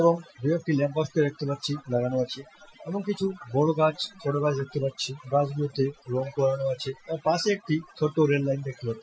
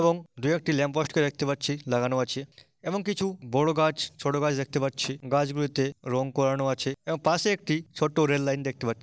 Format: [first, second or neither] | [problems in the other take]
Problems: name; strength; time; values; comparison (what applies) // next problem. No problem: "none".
second | noise reduction (classical method Wiener filter)